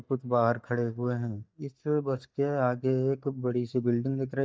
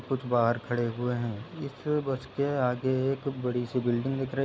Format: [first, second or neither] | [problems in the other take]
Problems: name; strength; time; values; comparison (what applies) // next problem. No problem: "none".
second | noise reduction (neural mask model DeepFilterNet 3)